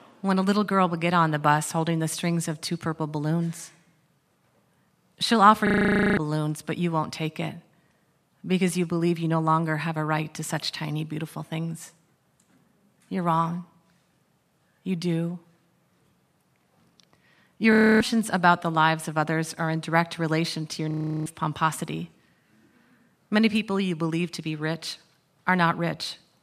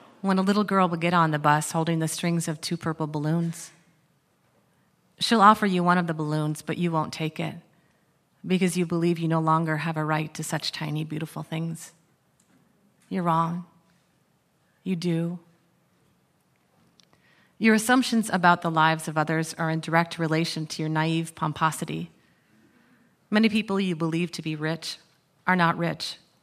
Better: second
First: audio freezing; at 5.5 s for 0.5 s, at 18 s and at 21 s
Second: none

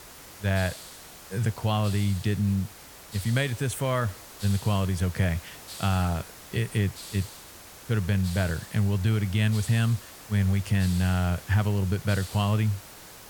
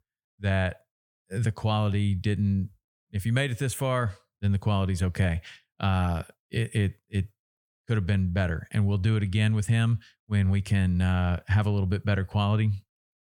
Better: second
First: hiss; noticeable; throughout; 15 dB below the speech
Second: none

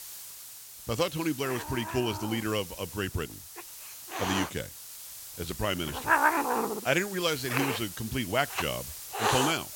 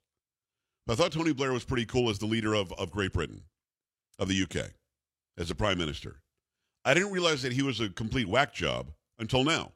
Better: second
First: hiss; loud; throughout; 2 dB below the speech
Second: none

